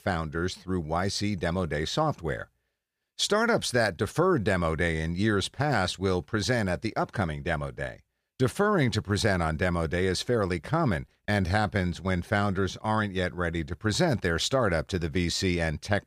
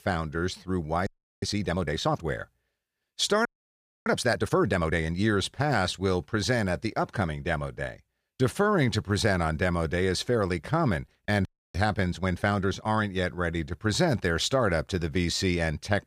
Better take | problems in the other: first | audio freezing; at 1 s, at 3.5 s for 0.5 s and at 11 s

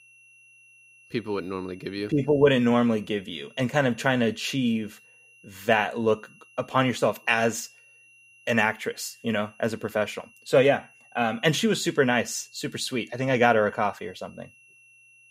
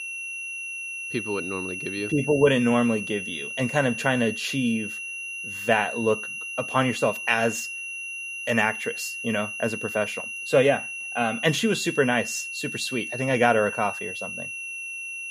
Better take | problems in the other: first | high-pitched whine; loud; throughout; 2.5 kHz, 6 dB below the speech; faint in the first

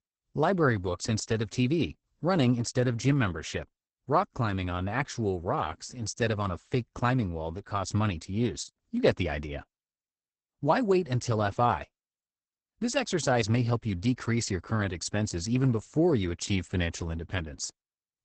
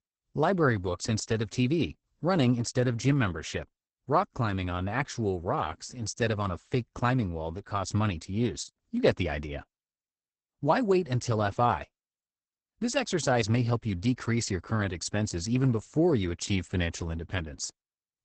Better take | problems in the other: neither | garbled, watery; badly; nothing above 8 kHz; the same in both

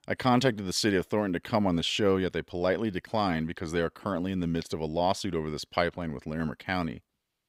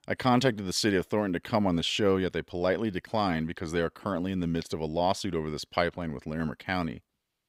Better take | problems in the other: neither | none

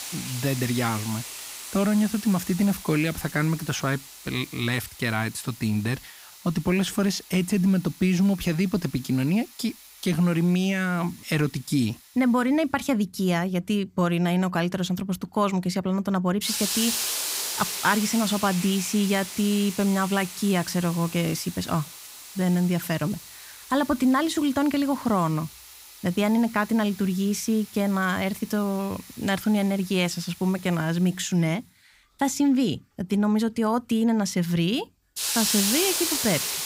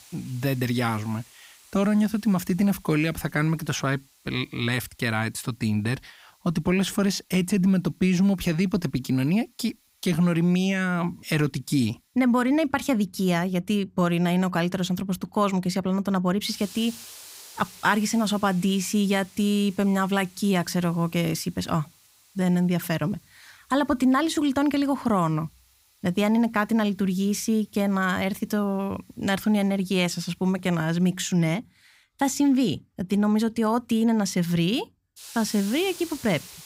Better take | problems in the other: second | hiss; loud; throughout; 7 dB below the speech; faint in the second

